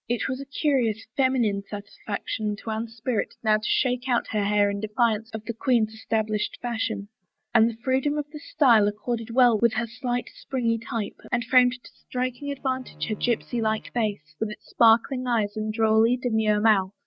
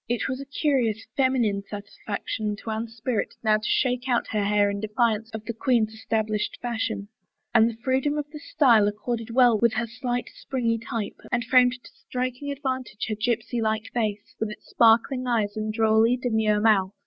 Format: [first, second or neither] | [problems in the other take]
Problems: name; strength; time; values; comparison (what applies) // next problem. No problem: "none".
second | noise reduction (neural mask model RNNoise)